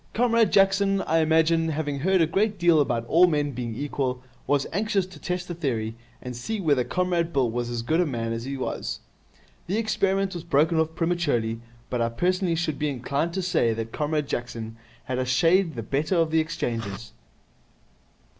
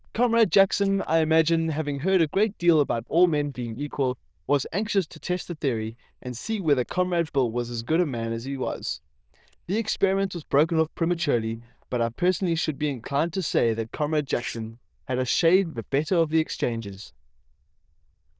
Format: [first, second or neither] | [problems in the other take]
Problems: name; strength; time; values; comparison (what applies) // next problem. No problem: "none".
first | noise reduction (neural diffusion model UNIVERSE++)